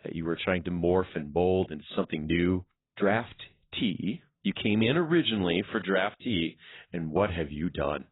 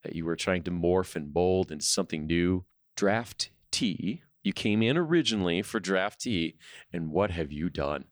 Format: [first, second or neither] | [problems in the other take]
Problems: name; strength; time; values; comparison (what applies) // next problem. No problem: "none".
second | garbled, watery; badly; nothing above 4 kHz